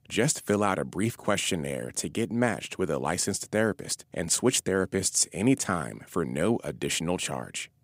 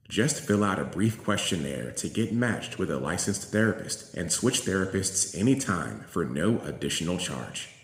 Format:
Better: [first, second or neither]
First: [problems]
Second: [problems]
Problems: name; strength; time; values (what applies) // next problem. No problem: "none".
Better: first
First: none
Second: room echo; very slight; dies away in 0.8 s